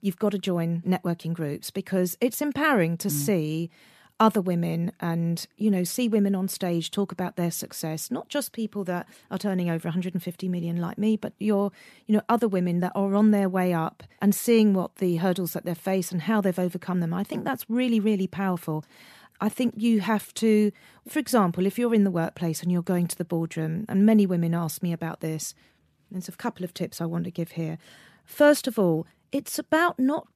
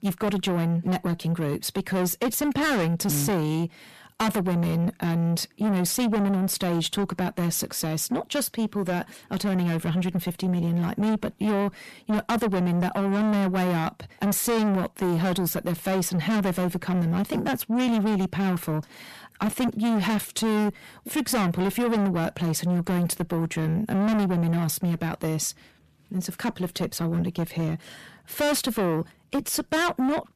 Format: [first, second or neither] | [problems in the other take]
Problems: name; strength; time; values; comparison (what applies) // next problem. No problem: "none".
first | distortion; heavy; 5 dB below the speech